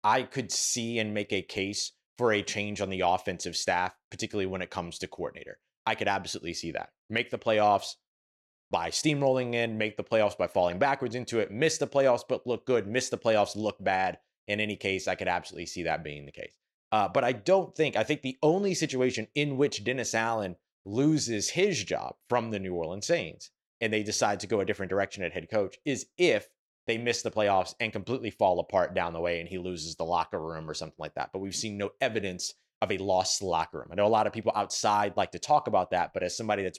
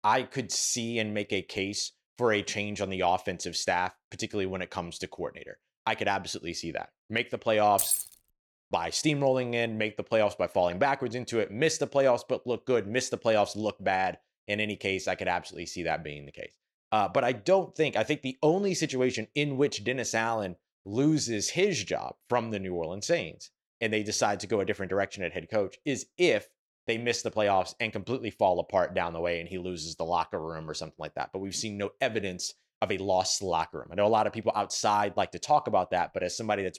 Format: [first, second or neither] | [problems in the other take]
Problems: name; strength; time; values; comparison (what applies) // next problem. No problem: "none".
first | jangling keys; loud; at 8 s; peak 3 dB above the speech